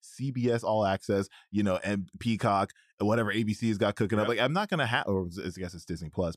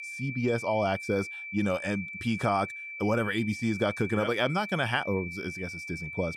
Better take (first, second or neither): first